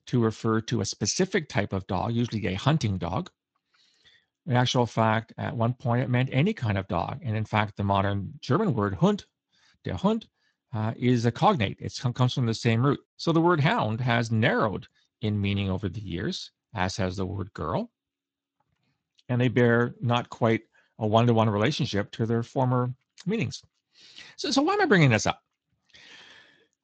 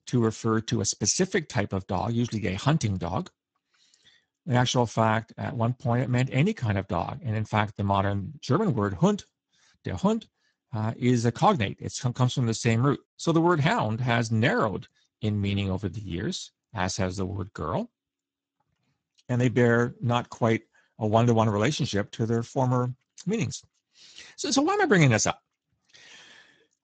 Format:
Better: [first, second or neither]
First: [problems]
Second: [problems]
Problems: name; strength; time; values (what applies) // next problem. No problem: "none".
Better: first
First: garbled, watery; slightly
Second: garbled, watery; badly; nothing above 7.5 kHz